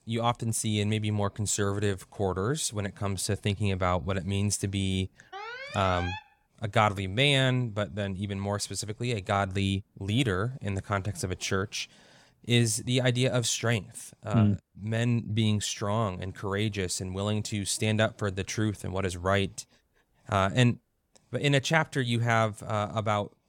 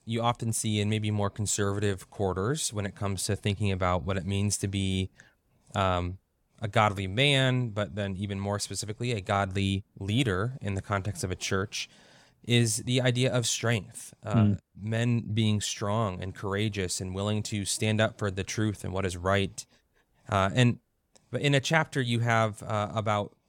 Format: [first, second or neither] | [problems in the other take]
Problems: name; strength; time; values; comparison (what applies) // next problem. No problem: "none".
second | alarm; noticeable; at 5.5 s; peak 7 dB below the speech